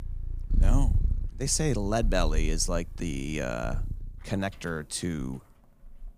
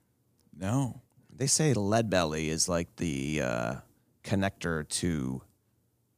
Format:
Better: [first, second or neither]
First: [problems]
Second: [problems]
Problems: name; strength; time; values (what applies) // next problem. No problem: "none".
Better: second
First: animal sounds; loud; throughout; 2 dB below the speech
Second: none